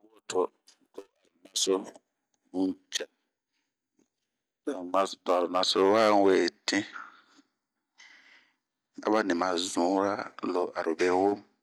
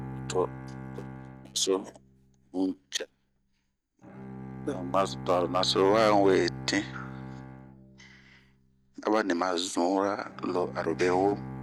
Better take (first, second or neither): first